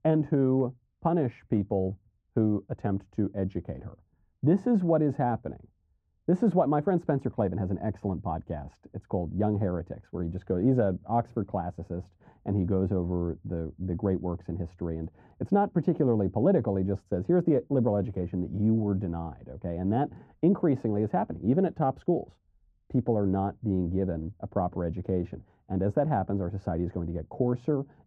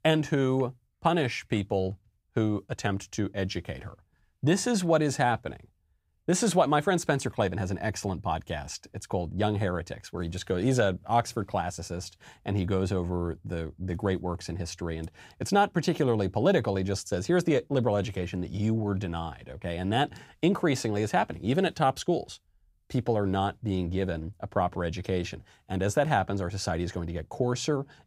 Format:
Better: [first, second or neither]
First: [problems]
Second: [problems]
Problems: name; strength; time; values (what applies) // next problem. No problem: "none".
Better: second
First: muffled; very; fading above 2 kHz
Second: none